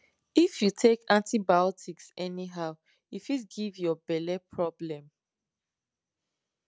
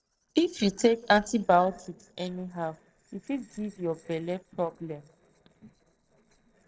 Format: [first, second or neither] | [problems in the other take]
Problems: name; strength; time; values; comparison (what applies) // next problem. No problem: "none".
first | noise reduction (neural separator model SepFormer DNS4)